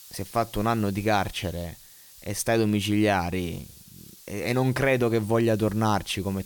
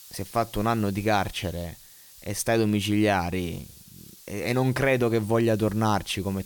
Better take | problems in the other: neither | hiss; faint; throughout; 20 dB below the speech; the same in both

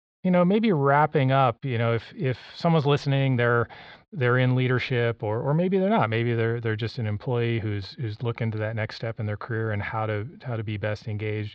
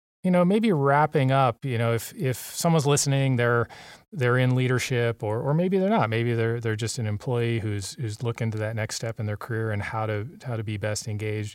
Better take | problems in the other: second | muffled; slightly; fading above 4 kHz

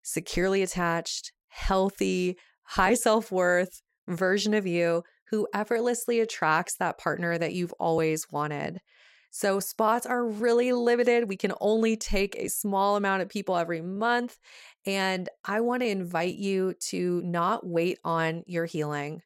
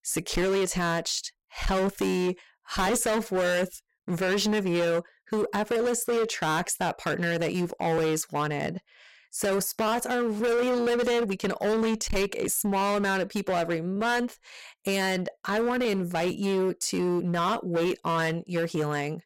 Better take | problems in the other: first | distortion; heavy; 19% of the sound clipped

